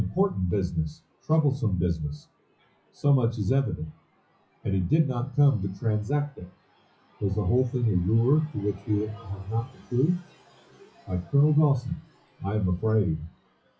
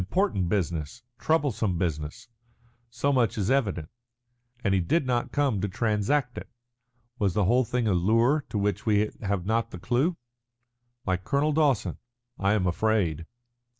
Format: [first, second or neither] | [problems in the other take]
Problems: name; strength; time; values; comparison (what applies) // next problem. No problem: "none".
second | noise reduction (classical method WPE with log-MMSE)